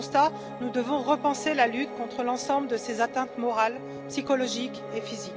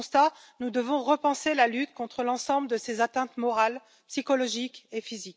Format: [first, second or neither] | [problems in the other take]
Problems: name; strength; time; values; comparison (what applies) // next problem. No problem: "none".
second | background sound (Piano); 10 dB below the speech